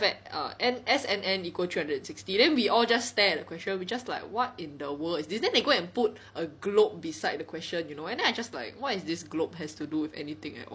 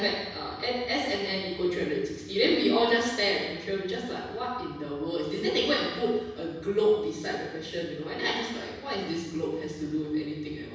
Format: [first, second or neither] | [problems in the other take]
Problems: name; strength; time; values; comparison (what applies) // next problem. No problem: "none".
first | room echo; dies away in 1.1 s